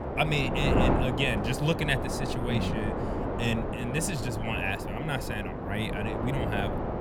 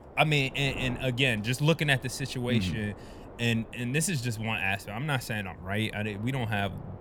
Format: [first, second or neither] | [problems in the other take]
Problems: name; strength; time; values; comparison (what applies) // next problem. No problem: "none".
second | wind noise on the microphone; heavy; 1 dB below the speech; occasional gusts in the second